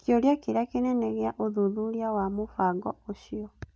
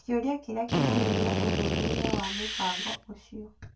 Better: first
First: none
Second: background sound (Drill); 4 dB above the speech // room echo; dies away in 0.2 s

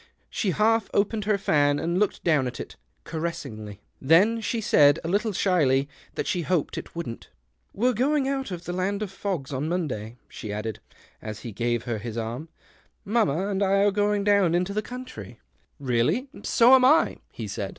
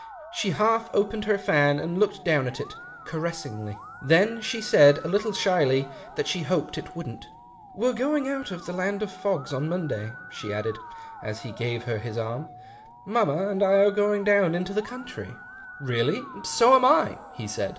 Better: first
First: none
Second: background sound (Musical instrument); 18 dB below the speech // room echo; dies away in 1.1 s

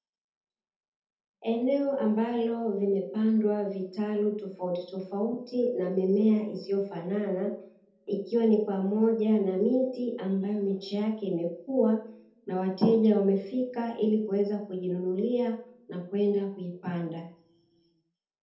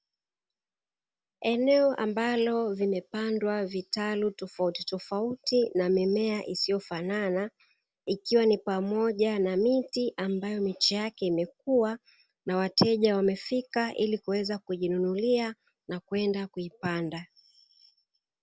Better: second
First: room echo; dies away in 0.6 s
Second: none

